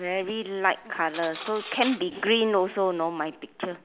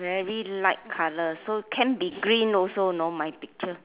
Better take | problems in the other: second | background sound (Cutlery, silverware); 15 dB below the speech

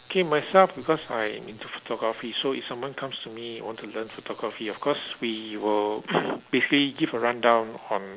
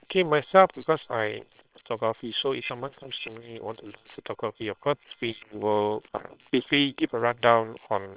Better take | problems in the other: first | noise reduction (neural separator model SepFormer WHAM!)

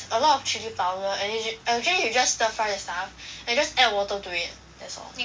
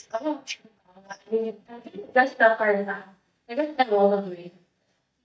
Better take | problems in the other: first | noise reduction (neural mask model DeepFilterNet 3)

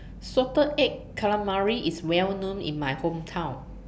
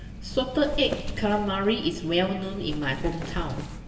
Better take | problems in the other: first | background sound (Wind); 9 dB below the speech // room echo; dies away in 3 s

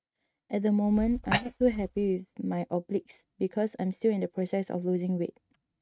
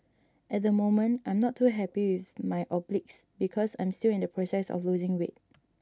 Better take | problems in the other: second | noise reduction (neural mask model RNNoise)

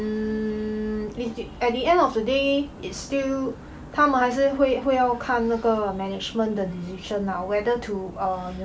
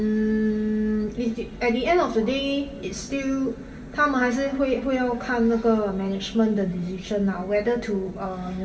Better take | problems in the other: first | room echo; dies away in 1.8 s

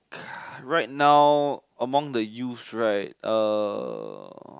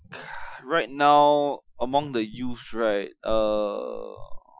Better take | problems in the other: first | noise reduction (classical method Wiener filter)

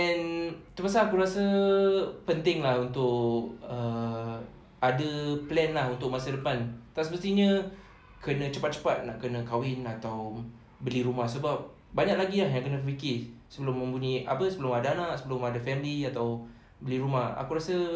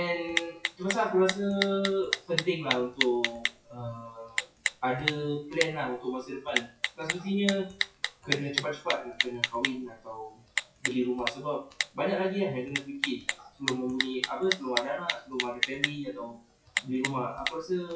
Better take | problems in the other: first | noise reduction (classical method WPE with log-MMSE)

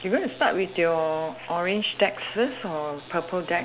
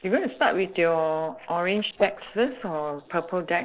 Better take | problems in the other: first | noise reduction (neural separator model SepFormer DNS4)

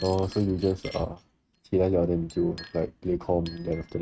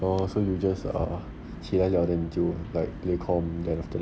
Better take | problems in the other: second | noise reduction (neural mask model RNNoise)

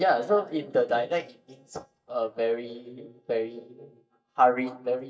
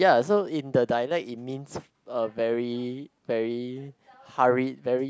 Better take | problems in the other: second | noise reduction (neural mask model DeepFilterNet 3)

